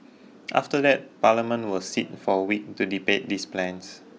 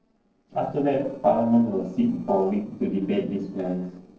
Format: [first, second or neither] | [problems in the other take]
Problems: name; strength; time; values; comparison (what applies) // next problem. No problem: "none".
first | noise reduction (neural separator model SepFormer DNS4)